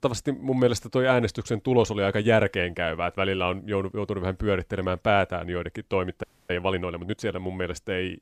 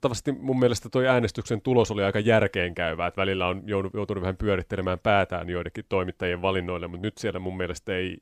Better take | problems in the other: second | audio freezing; at 6 s

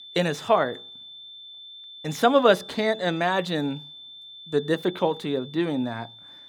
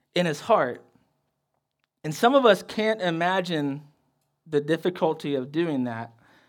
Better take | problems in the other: second | high-pitched whine; noticeable; throughout; 3.5 kHz, 15 dB below the speech

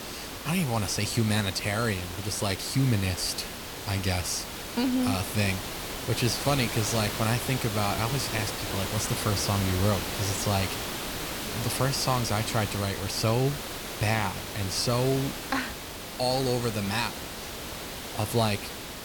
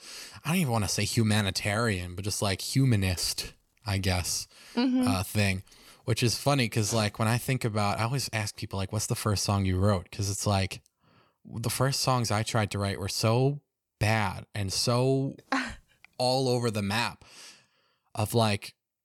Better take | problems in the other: second | hiss; loud; throughout; 5 dB below the speech

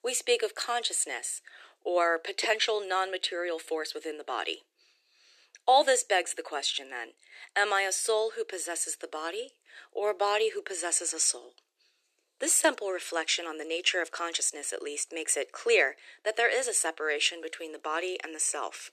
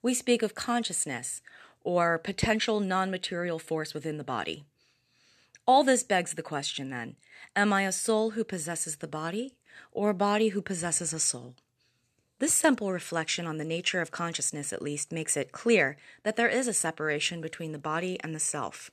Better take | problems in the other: second | thin; very; fading below 350 Hz

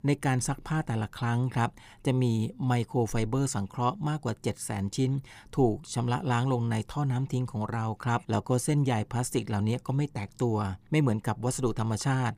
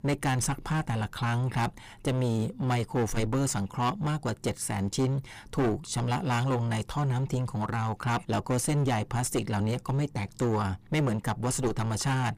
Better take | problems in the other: first | distortion; heavy; 17% of the sound clipped

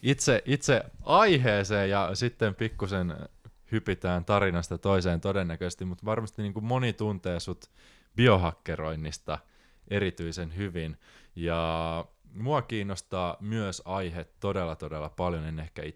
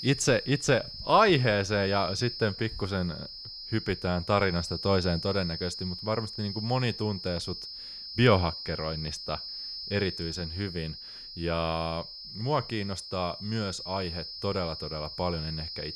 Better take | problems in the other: first | high-pitched whine; loud; throughout; 5 kHz, 8 dB below the speech

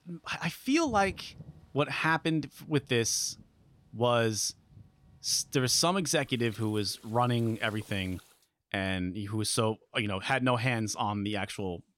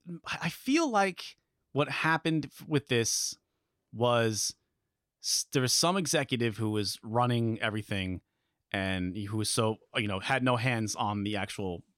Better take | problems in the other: second | rain or running water; faint; until 8.5 s; 25 dB below the speech

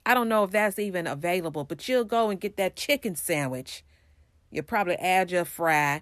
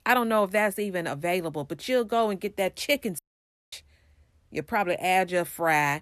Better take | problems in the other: first | audio cutting out; at 3 s for 0.5 s

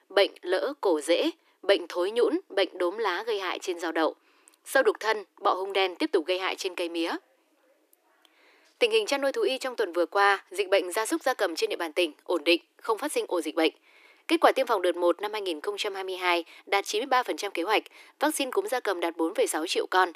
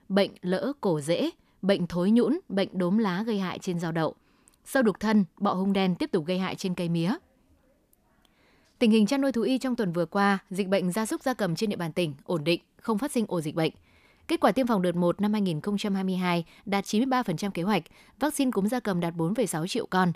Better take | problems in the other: second | thin; very; fading below 300 Hz

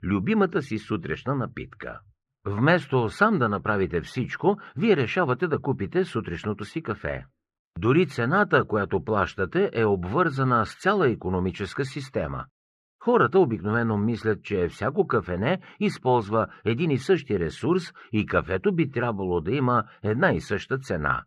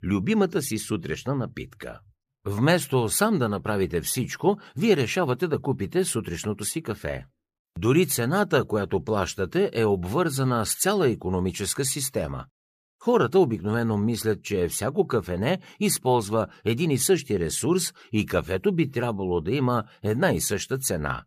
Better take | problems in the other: second | muffled; very; fading above 2.5 kHz

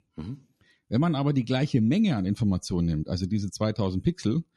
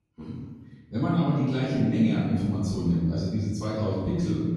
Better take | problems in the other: first | off-mic speech; far // room echo; strong; dies away in 1.3 s

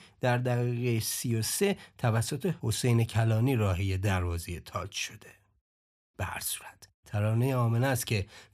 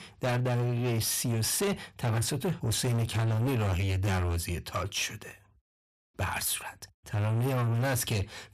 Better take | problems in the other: first | distortion; heavy; 7 dB below the speech

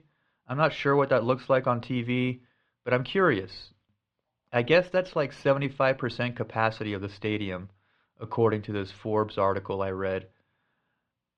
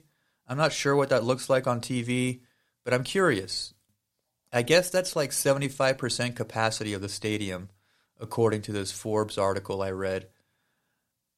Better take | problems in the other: second | muffled; slightly; fading above 3 kHz

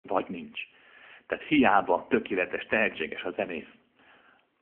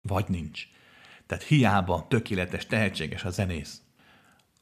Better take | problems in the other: second | phone-call audio

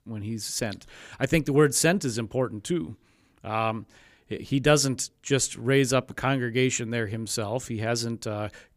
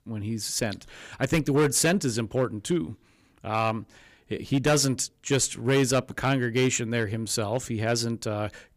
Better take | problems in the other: first | distortion; slight; 4% of the sound clipped

